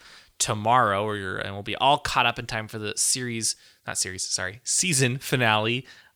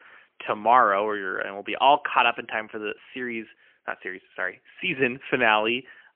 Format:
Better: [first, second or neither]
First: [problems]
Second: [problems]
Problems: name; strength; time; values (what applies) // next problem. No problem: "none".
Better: first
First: none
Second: phone-call audio; poor line; nothing above 3 kHz